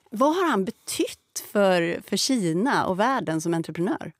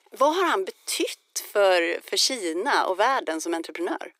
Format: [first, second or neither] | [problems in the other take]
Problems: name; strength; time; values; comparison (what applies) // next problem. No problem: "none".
first | thin; very; fading below 350 Hz